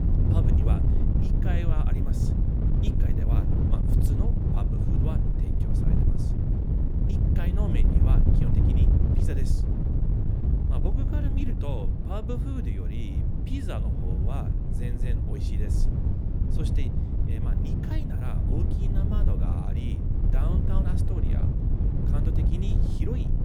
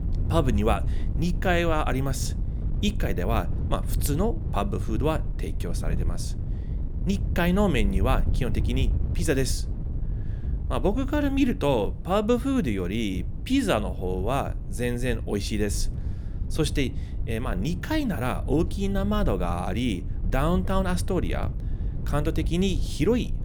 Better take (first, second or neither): second